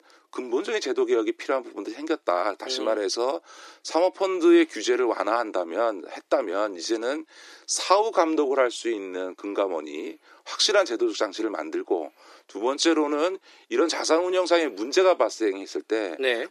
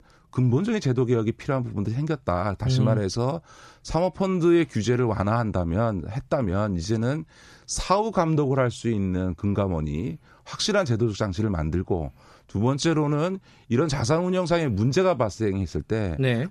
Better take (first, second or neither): second